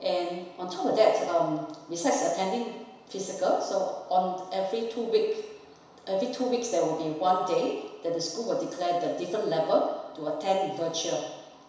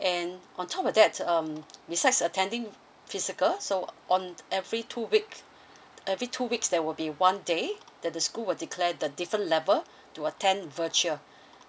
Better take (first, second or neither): second